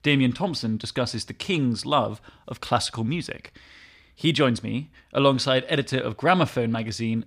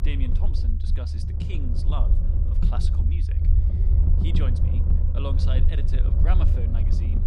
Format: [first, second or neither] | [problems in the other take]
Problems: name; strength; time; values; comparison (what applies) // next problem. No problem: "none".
first | low rumble; loud; throughout; 1 dB below the speech